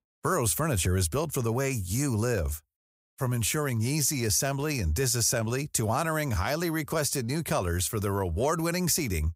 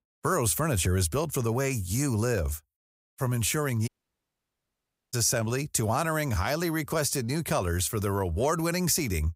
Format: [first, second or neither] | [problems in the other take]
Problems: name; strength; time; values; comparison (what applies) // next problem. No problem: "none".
first | audio cutting out; at 4 s for 1.5 s